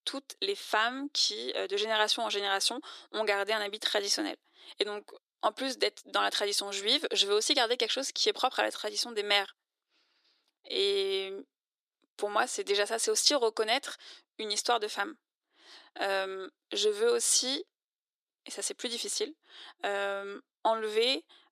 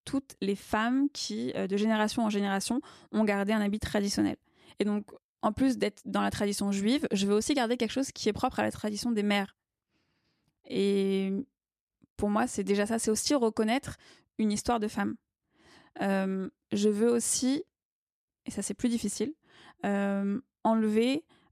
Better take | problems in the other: second | thin; very; fading below 350 Hz

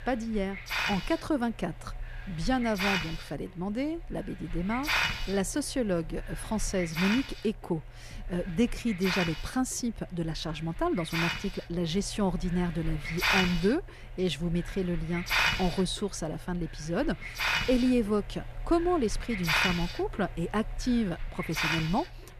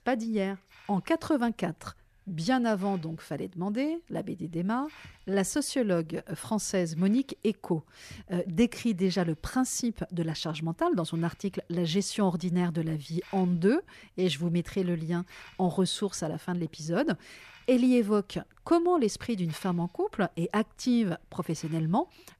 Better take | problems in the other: second | hiss; loud; throughout; 1 dB below the speech; faint in the second

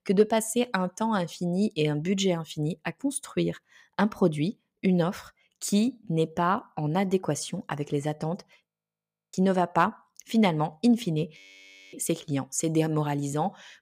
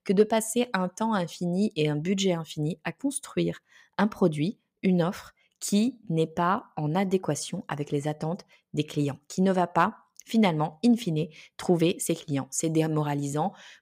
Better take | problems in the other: second | audio freezing; at 8.5 s for 0.5 s and at 11 s for 0.5 s

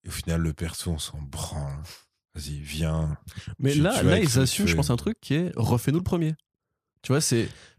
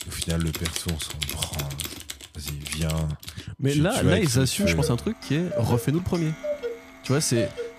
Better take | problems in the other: first | household noises; loud; throughout; 8 dB below the speech

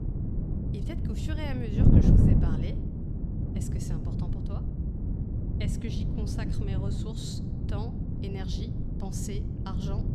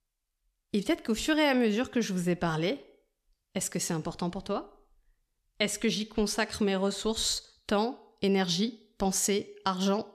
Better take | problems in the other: second | wind noise on the microphone; heavy; 4 dB above the speech

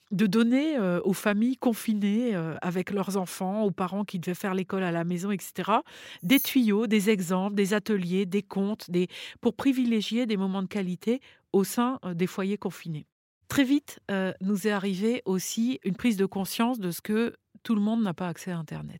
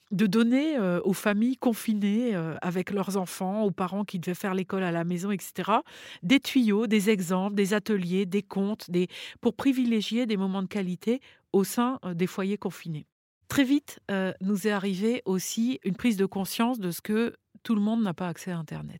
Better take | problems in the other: second | jangling keys; noticeable; at 6.5 s; peak 4 dB below the speech

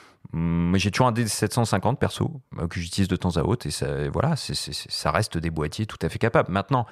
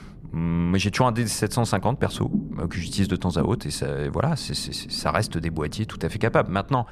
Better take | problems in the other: first | low rumble; noticeable; throughout; 15 dB below the speech

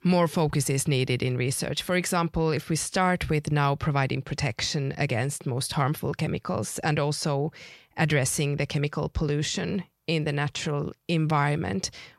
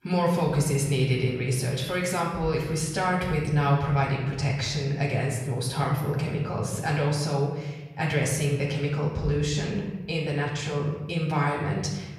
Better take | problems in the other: first | off-mic speech; far // room echo; noticeable; dies away in 1 s

